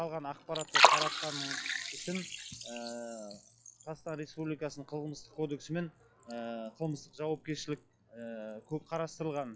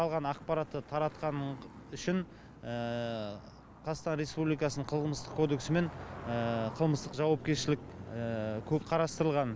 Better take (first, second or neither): second